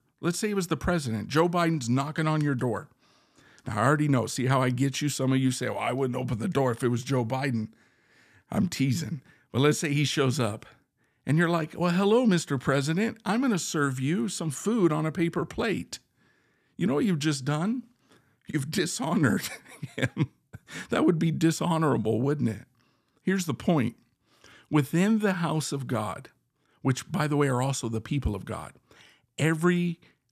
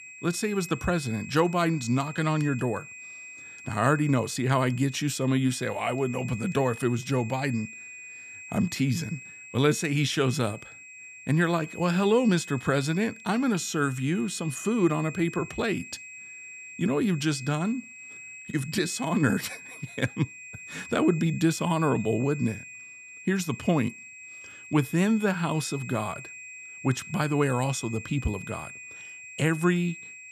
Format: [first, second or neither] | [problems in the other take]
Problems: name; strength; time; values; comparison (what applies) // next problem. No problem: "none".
first | high-pitched whine; noticeable; throughout; 2.5 kHz, 15 dB below the speech